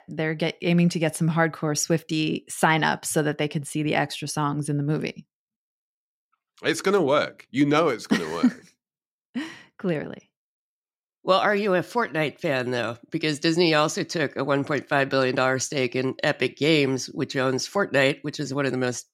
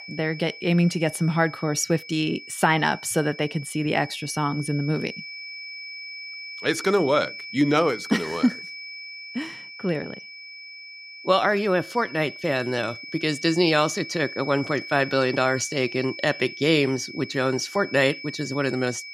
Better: first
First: none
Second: high-pitched whine; noticeable; throughout; 2.5 kHz, 10 dB below the speech

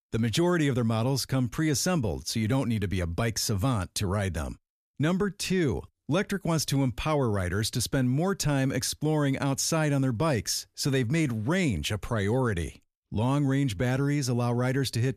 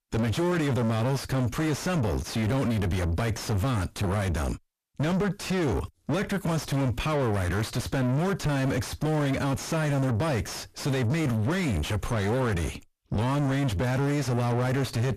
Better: first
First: none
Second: distortion; heavy; 6 dB below the speech

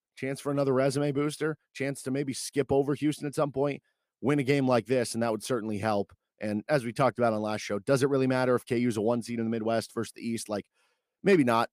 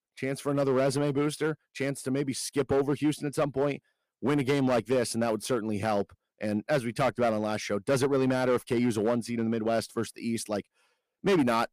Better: first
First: none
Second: distortion; slight; 5% of the sound clipped

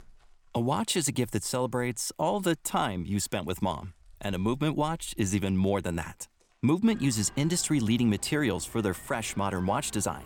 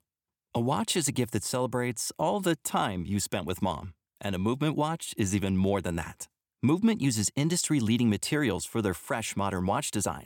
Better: second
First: animal sounds; faint; throughout; 25 dB below the speech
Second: none

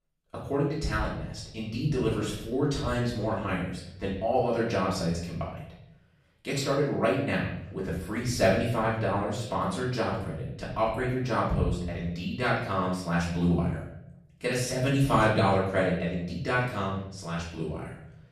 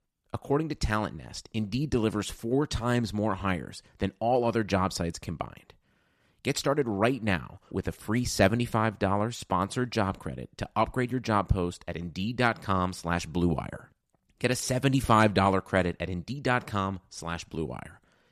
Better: second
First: off-mic speech; far // room echo; noticeable; dies away in 0.7 s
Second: none

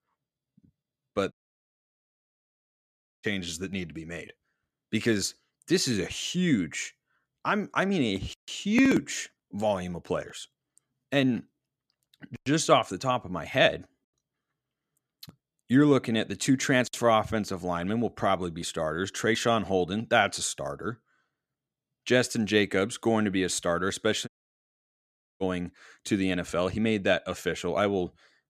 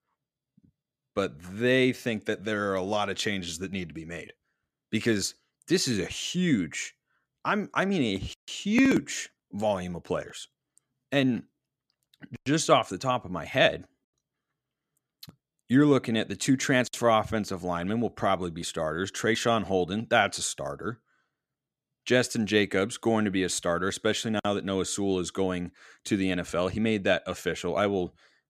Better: second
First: audio cutting out; at 1.5 s for 2 s and at 24 s for 1 s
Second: none

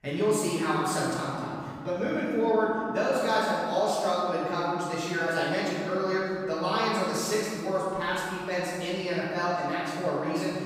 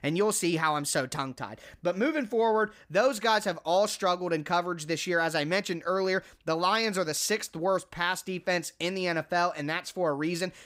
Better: second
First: off-mic speech; far // room echo; strong; dies away in 2.6 s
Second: none

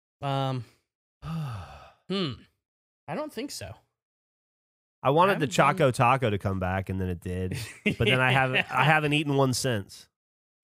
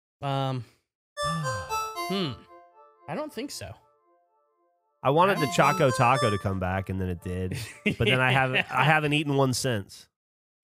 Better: first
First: none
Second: phone ringing; noticeable; from 1 to 6.5 s; peak 4 dB below the speech

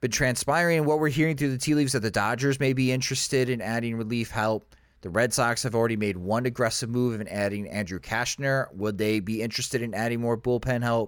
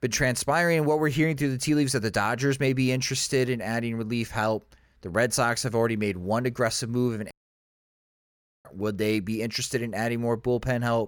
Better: first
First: none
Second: audio cutting out; at 7.5 s for 1.5 s

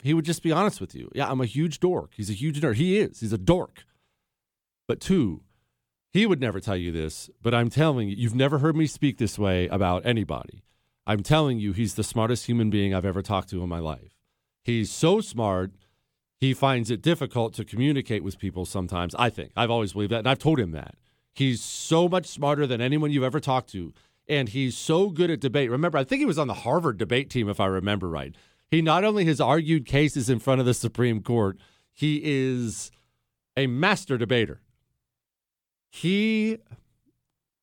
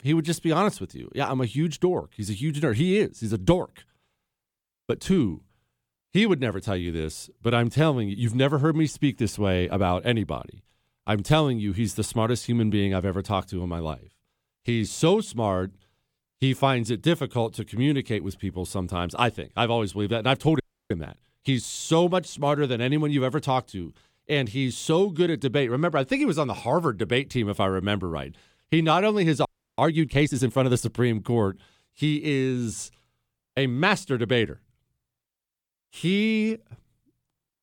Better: first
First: none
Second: audio freezing; at 21 s and at 29 s

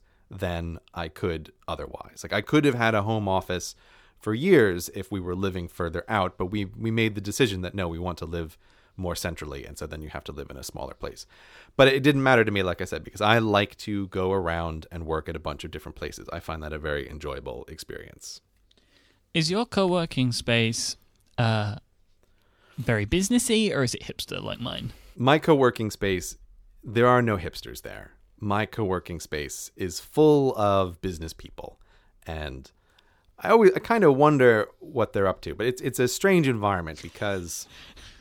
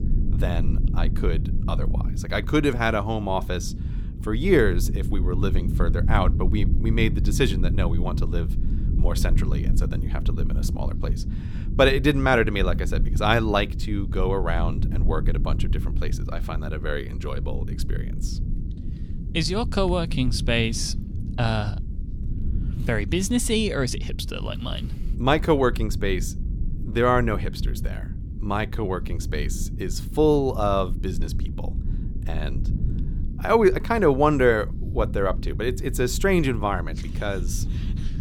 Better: first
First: none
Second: low rumble; noticeable; throughout; 15 dB below the speech

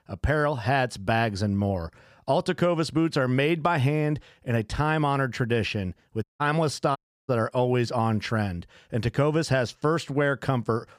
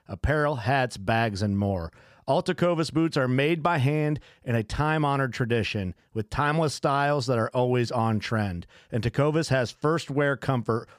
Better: second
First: audio cutting out; at 6 s and at 7 s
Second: none

